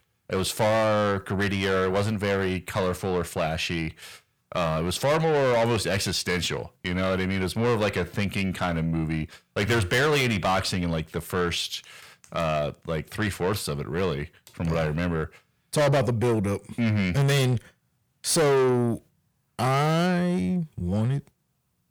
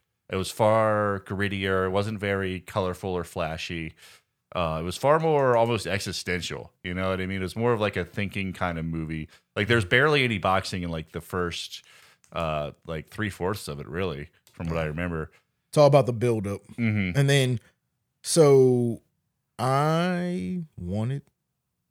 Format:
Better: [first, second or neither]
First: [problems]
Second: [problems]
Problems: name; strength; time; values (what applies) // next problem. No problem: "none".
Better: second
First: distortion; heavy; 6 dB below the speech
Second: none